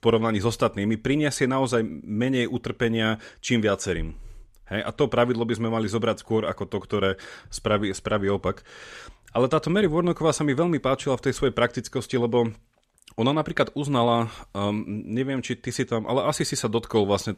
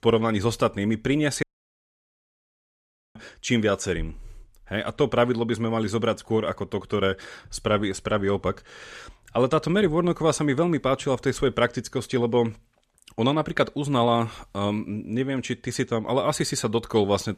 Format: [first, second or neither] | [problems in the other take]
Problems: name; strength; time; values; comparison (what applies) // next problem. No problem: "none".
first | audio cutting out; at 1.5 s for 1.5 s